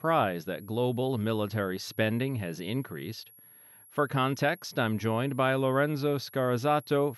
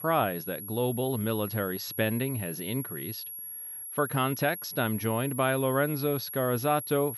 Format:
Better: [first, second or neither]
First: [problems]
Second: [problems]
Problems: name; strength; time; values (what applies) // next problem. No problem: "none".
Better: first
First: high-pitched whine; faint; throughout; 11.5 kHz, 25 dB below the speech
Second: high-pitched whine; loud; throughout; 11.5 kHz, 7 dB below the speech